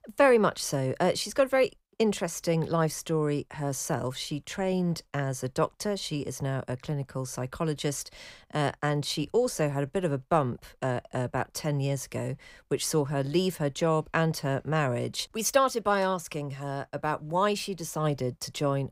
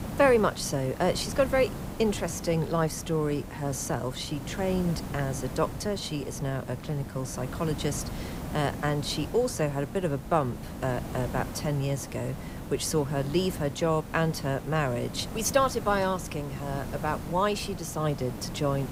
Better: first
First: none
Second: hiss; loud; throughout; 9 dB below the speech

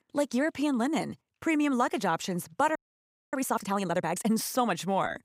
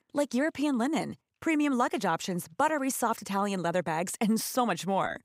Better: second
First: audio freezing; at 3 s for 0.5 s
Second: none

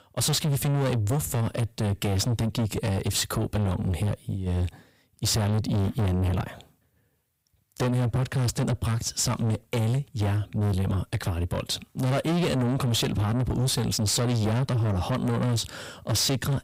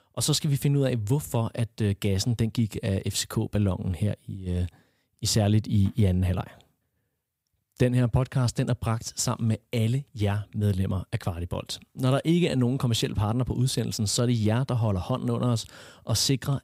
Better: second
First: distortion; heavy; 6 dB below the speech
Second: none

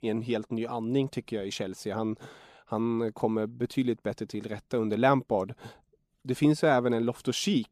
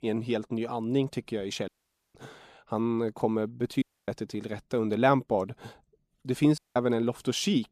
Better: first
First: none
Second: audio cutting out; at 1.5 s, at 4 s and at 6.5 s

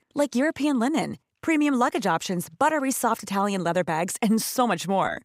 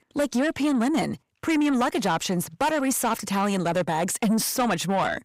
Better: first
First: none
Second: distortion; slight; 10 dB below the speech

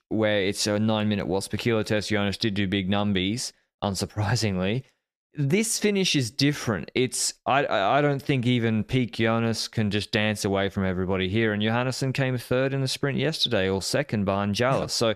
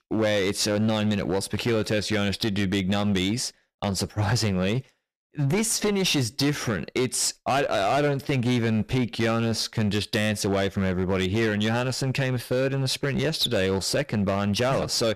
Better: first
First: none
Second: distortion; slight; 13% of the sound clipped

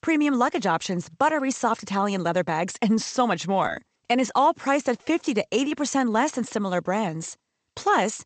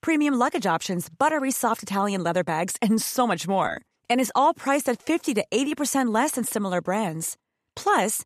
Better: second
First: garbled, watery; slightly; nothing above 8 kHz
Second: none

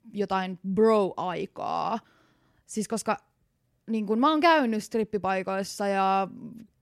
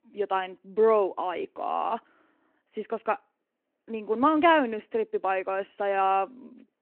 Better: first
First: none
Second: phone-call audio

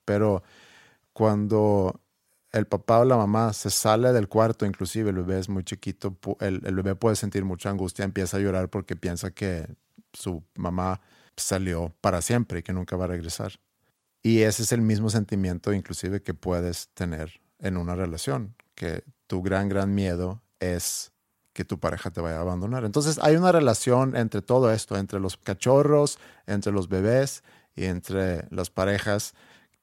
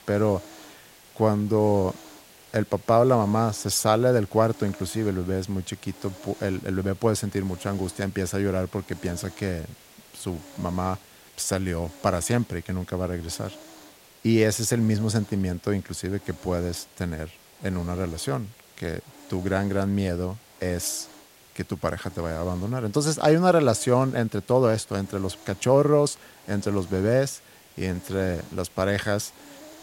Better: first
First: none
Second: hiss; faint; throughout; 20 dB below the speech

